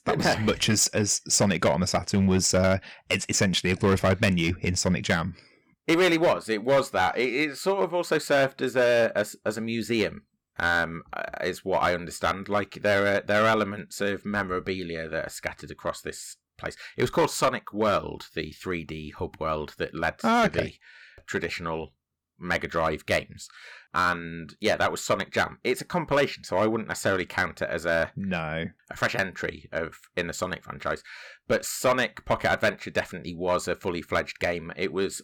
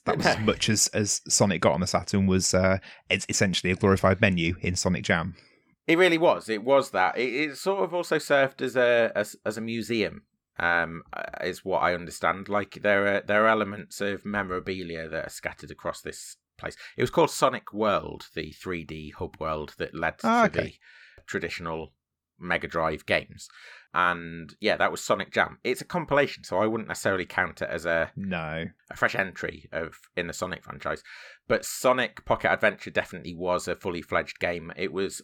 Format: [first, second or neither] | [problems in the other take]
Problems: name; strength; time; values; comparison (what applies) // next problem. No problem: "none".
second | distortion; slight; 3% of the sound clipped